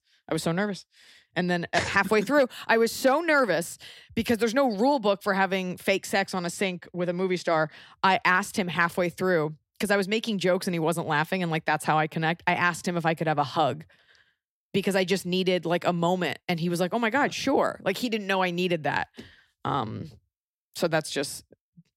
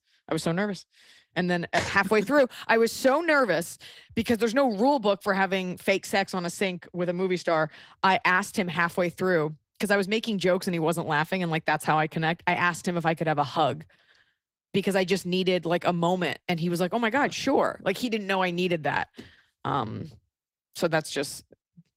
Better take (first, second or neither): first